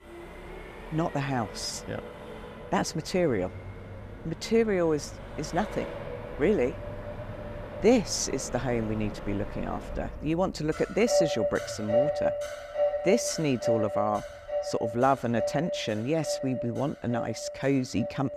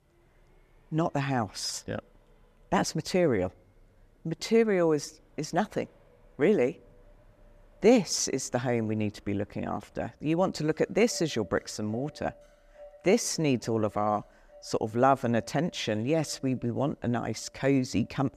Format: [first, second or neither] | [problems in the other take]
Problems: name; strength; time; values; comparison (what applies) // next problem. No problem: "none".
second | traffic noise; loud; throughout; 6 dB below the speech; faint in the second